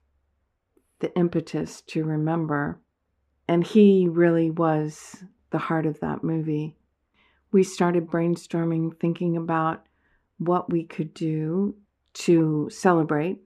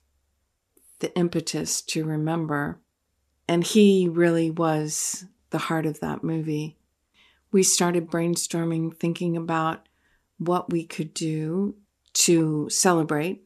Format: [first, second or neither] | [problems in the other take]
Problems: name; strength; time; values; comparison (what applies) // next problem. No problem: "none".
second | muffled; very; fading above 3.5 kHz